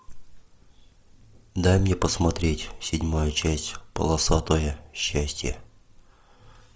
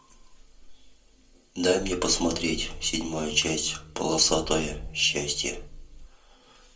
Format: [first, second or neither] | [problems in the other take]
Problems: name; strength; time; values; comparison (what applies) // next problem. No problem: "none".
first | room echo; dies away in 0.2 s